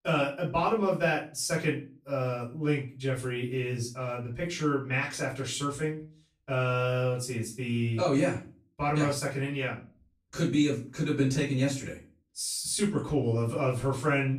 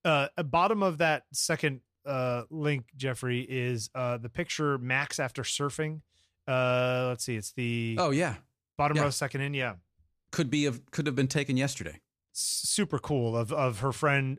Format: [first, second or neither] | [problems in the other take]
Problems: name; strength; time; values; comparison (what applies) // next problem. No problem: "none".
second | off-mic speech; far // room echo; slight; dies away in 0.3 s